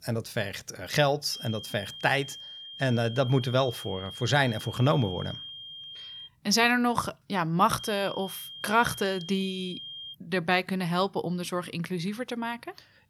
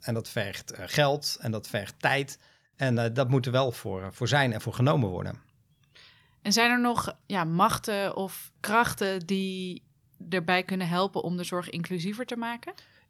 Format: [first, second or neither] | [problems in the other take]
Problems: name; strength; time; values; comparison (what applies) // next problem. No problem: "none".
second | high-pitched whine; noticeable; from 1.5 to 6.5 s and from 8 to 10 s; 3 kHz, 10 dB below the speech